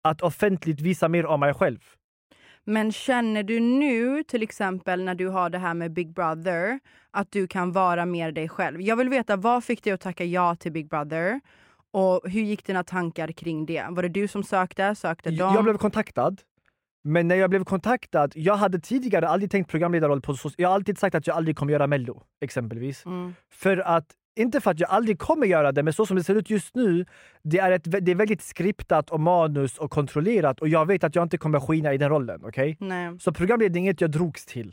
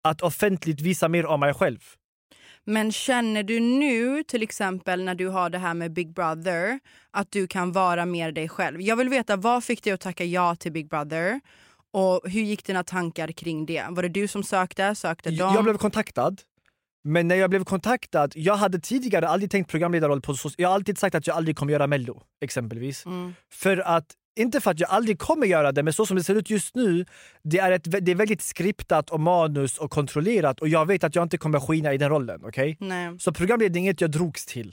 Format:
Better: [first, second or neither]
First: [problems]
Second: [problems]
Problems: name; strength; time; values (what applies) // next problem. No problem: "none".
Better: second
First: muffled; slightly; fading above 3 kHz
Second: none